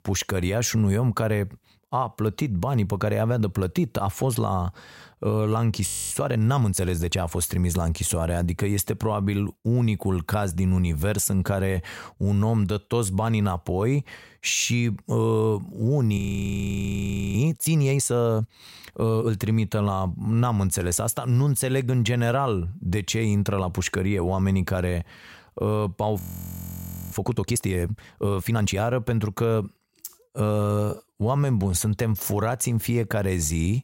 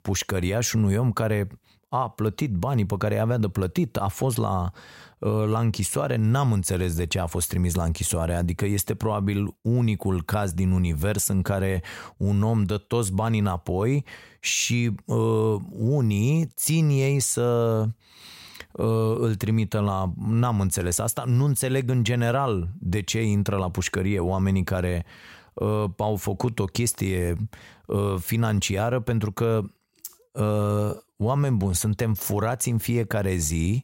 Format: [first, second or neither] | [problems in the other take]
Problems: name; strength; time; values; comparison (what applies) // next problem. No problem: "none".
second | audio freezing; at 6 s, at 16 s for 1 s and at 26 s for 1 s